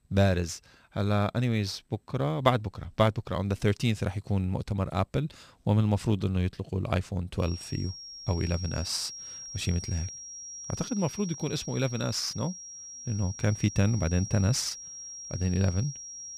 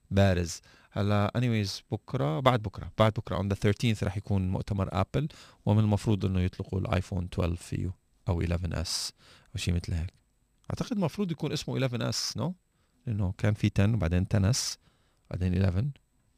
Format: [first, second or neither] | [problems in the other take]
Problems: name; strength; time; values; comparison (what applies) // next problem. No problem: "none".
second | high-pitched whine; noticeable; from 7.5 s on; 5.5 kHz, 10 dB below the speech